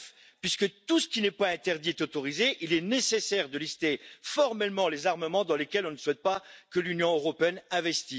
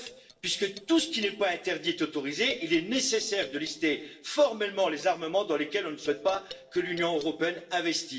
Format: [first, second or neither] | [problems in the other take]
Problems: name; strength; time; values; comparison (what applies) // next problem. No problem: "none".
first | noise reduction (neural separator model SepFormer DNS4)